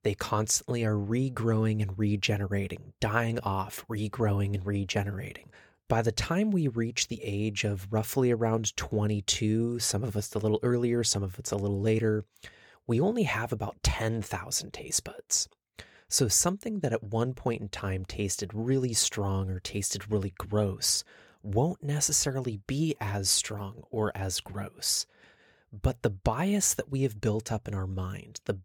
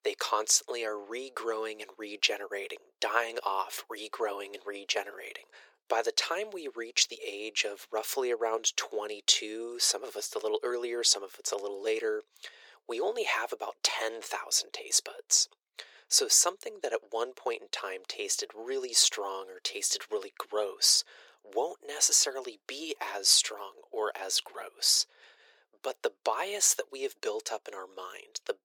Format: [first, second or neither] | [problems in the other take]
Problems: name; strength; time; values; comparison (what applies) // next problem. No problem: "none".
first | thin; very; fading below 400 Hz